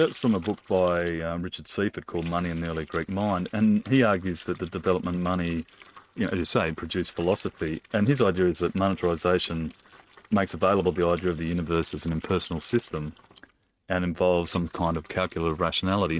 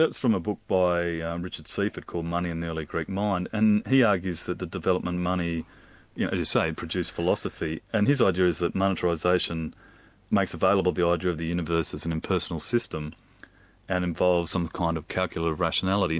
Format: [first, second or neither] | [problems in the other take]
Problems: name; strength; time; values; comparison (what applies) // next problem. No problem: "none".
second | noise reduction (neural mask model RNNoise)